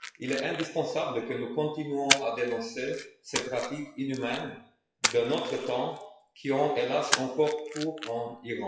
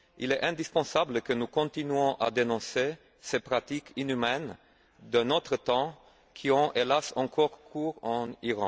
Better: second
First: noise reduction (classical method WPE with log-MMSE)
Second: none

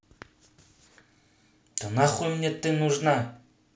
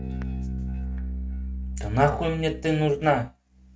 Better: first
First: none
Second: noise reduction (neural mask model RNNoise)

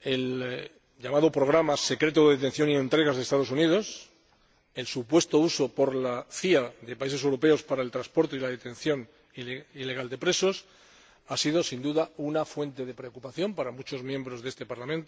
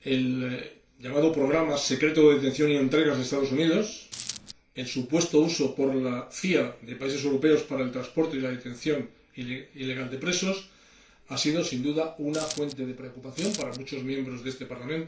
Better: first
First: none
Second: background sound (Coin (dropping)); 10 dB below the speech // room echo; dies away in 0.3 s

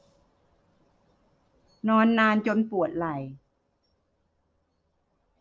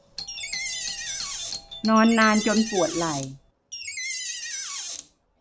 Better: first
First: none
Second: background sound (Door + Doorbell); 7 dB below the speech

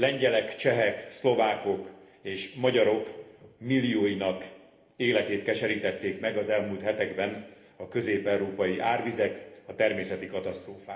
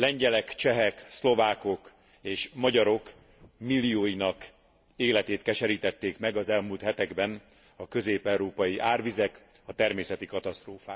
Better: second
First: room echo; dies away in 1 s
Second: none

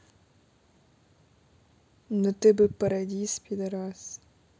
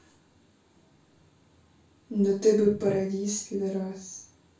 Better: first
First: none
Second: room echo; dies away in 0.3 s

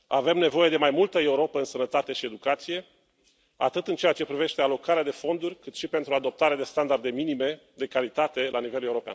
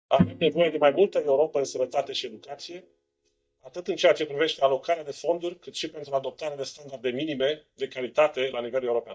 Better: first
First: none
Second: noise reduction (neural mask model DeepFilterNet 3)

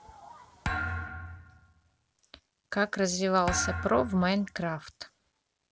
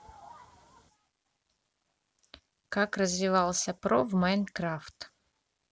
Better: second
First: background sound (Thump, thud); 6 dB below the speech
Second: none

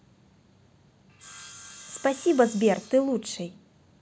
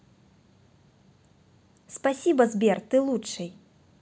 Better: second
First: background sound (Sawing); 18 dB below the speech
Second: none

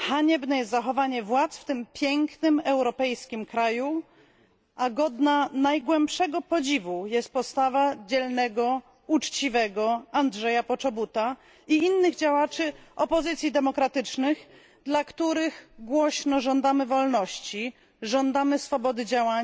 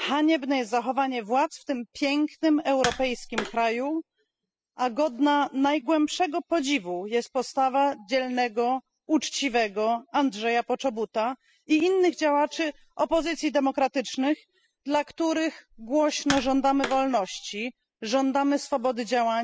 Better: first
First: none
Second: noise reduction (classical method spectral subtraction)

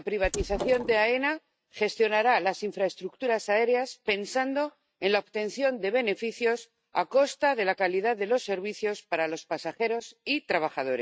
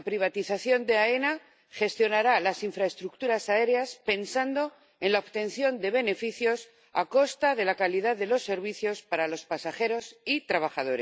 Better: second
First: noise reduction (neural mask model RNNoise)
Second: none

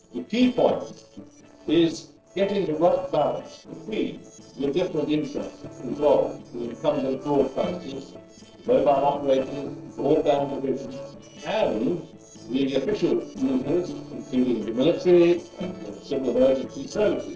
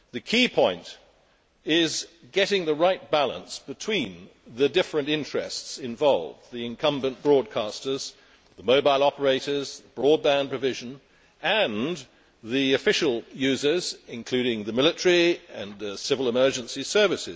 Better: second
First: noise reduction (neural separator model SepFormer DNS4)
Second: none

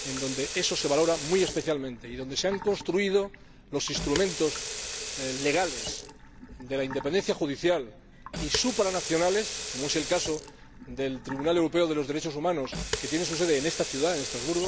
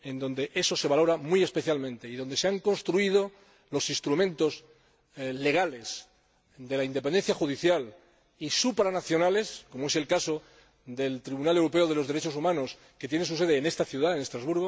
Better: second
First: background sound (Sink (filling or washing) / Water tap, faucet); 8 dB below the speech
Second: none

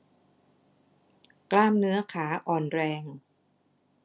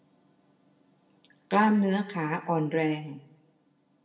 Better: first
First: none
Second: room echo; dies away in 0.6 s

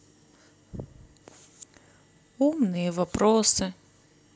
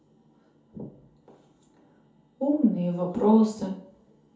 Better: first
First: none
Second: room echo; dies away in 0.5 s

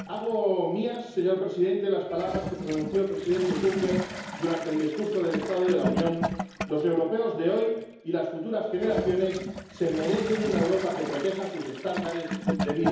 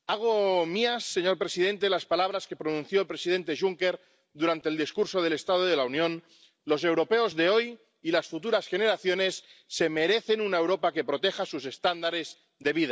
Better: second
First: background sound (Toilet flush / Gurgling); 7 dB below the speech // room echo; dies away in 1 s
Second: none

